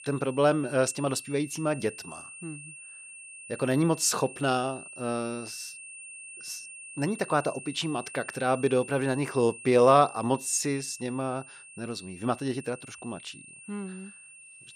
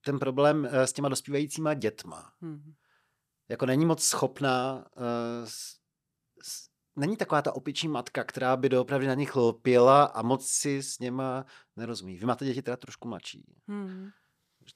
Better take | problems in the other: second | high-pitched whine; noticeable; throughout; 2.5 kHz, 15 dB below the speech

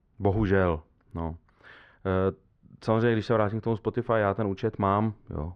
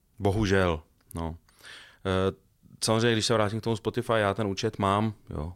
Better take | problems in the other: second | muffled; very; fading above 1.5 kHz

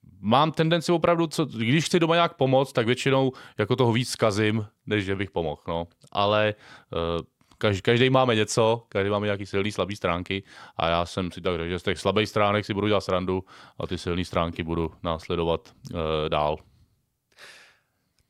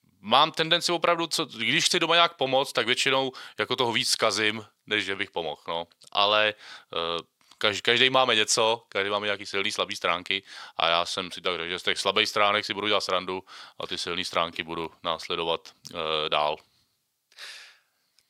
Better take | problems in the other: first | thin; somewhat; fading below 1 kHz

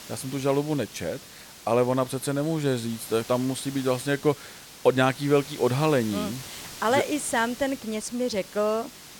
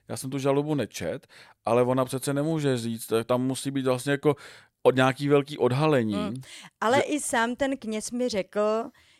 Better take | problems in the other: second | hiss; noticeable; throughout; 15 dB below the speech

